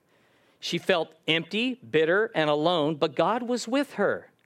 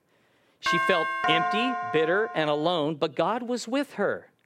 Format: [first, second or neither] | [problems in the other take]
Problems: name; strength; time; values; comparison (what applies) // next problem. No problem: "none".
first | doorbell; loud; from 0.5 to 2.5 s; peak 2 dB above the speech